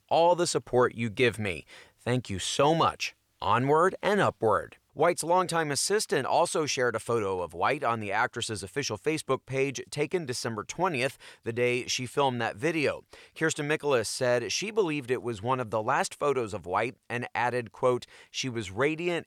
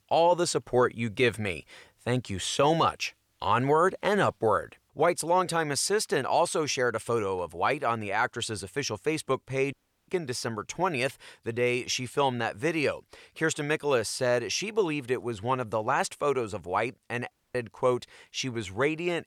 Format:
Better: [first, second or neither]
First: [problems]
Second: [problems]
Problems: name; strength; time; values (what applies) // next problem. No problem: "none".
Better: first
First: none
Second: audio cutting out; at 9.5 s and at 17 s